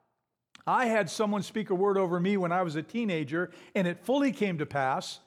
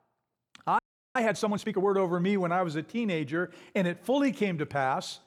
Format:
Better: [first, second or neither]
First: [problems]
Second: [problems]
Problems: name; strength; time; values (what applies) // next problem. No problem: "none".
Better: first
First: none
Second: audio freezing; at 1 s